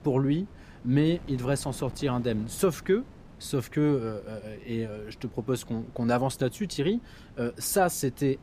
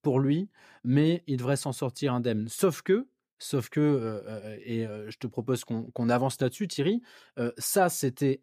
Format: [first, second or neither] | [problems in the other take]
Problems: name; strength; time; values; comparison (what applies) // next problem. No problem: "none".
second | wind noise on the microphone; occasional gusts; 20 dB below the speech